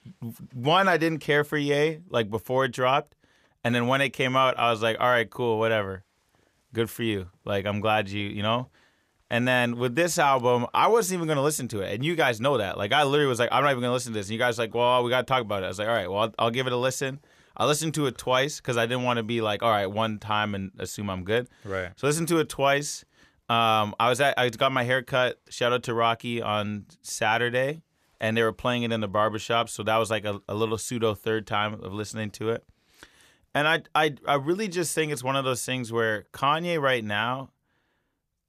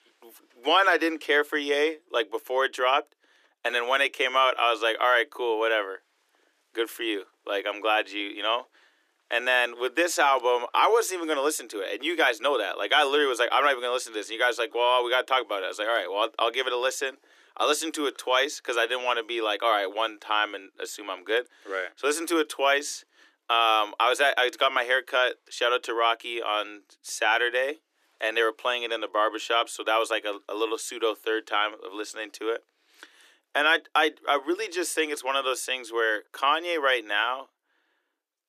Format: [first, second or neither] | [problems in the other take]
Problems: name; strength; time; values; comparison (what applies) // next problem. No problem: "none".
first | thin; very; fading below 300 Hz